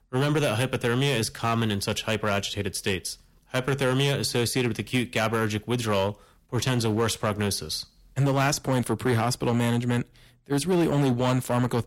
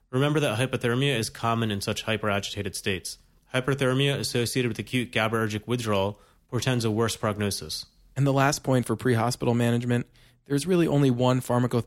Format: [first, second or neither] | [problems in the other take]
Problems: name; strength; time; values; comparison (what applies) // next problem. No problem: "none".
second | distortion; slight; 8% of the sound clipped